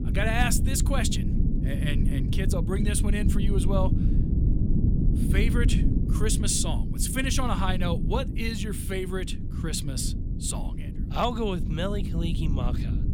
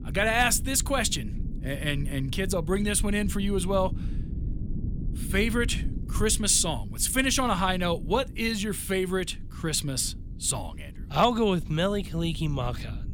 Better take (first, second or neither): second